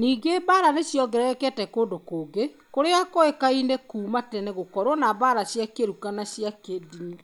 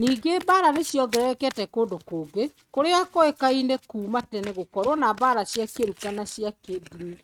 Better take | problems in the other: first | noise reduction (neural mask model RNNoise)

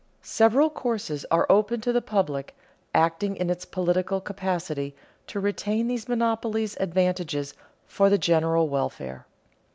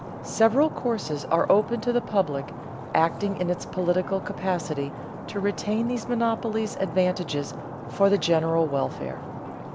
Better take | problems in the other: first | background sound (Stream); 10 dB below the speech

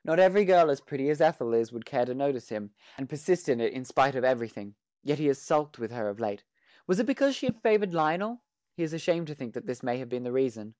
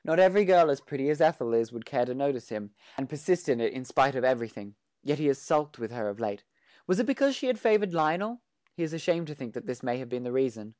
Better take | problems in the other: second | noise reduction (neural mask model DeepFilterNet 3)

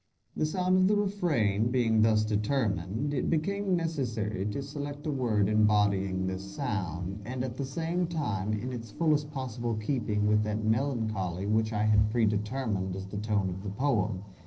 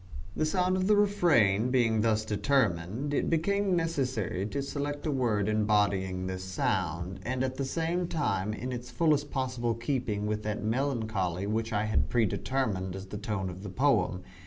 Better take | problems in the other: second | noise reduction (neural separator model SepFormer DNS4)

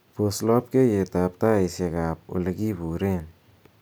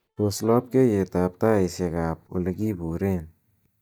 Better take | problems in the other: first | noise reduction (neural mask model DeepFilterNet 3)

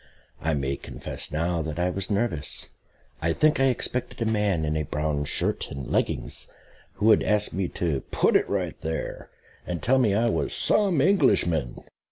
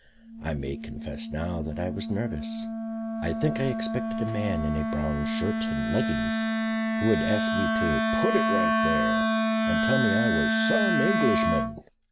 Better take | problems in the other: first | background sound (Wind instrument, woodwind instrument); 4 dB above the speech

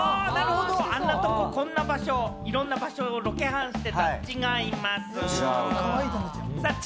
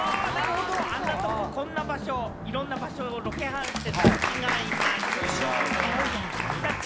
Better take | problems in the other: first | background sound (Applause + Sliding door); as loud as the speech

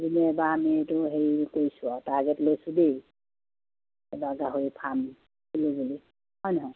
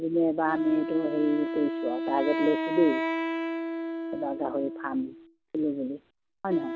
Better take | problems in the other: first | background sound (Wind instrument, woodwind instrument); 4 dB below the speech

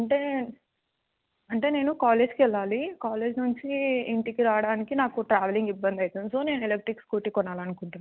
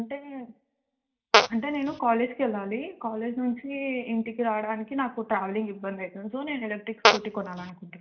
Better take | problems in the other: first | noise reduction (neural mask model DeepFilterNet 3)

